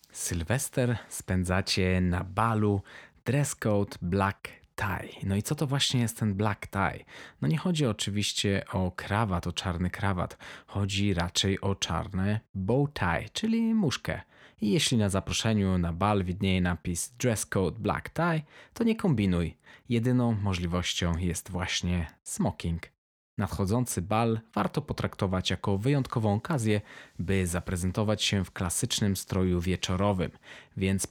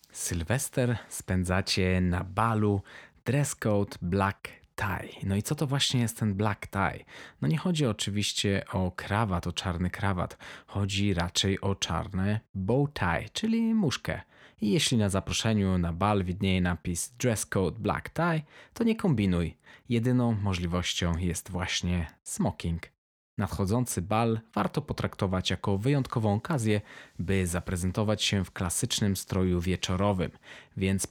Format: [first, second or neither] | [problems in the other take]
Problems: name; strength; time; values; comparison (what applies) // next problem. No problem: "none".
neither | none